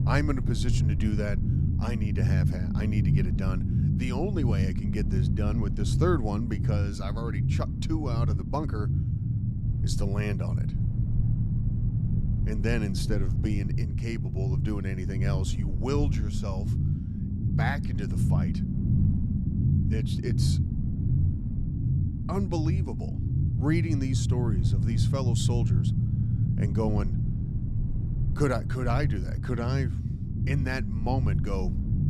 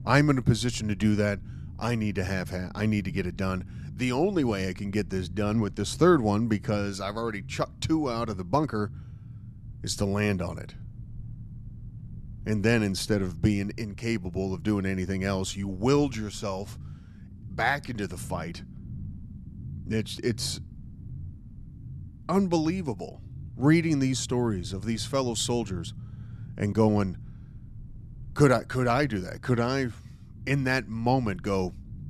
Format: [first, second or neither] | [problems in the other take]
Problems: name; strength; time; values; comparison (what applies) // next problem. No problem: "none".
second | low rumble; loud; throughout; 4 dB below the speech; faint in the second